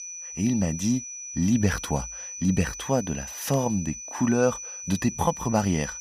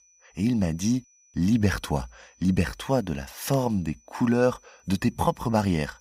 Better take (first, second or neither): second